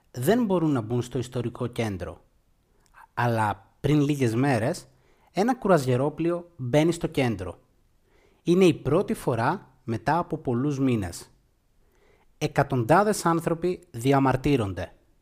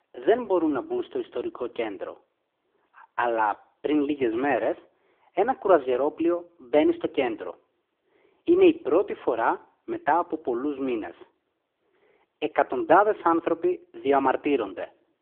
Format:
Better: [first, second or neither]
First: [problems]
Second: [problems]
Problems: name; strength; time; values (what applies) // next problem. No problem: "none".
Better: first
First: none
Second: phone-call audio; poor line